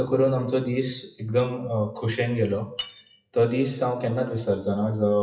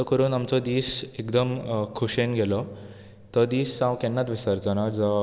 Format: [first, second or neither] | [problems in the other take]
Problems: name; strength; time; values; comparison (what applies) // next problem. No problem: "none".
second | noise reduction (classical method WPE with log-MMSE)